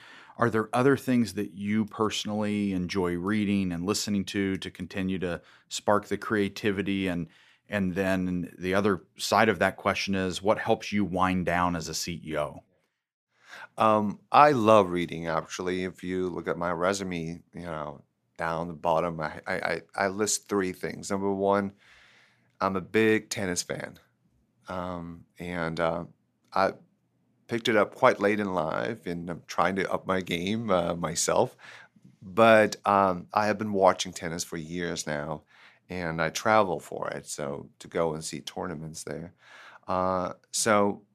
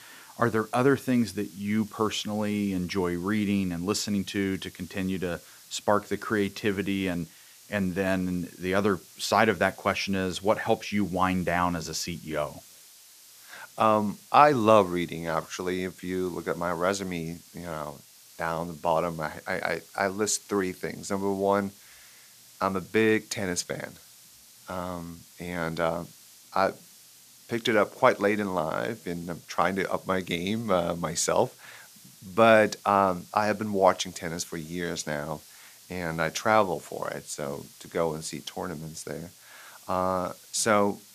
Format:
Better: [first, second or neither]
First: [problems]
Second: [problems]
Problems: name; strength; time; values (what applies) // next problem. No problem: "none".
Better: first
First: none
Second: hiss; faint; throughout; 20 dB below the speech